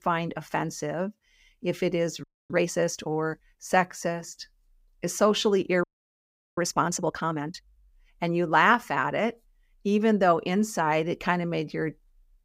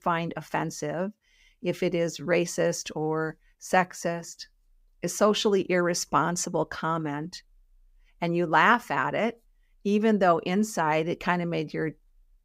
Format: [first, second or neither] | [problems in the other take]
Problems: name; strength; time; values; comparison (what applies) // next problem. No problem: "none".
second | audio freezing; at 2 s and at 6 s for 0.5 s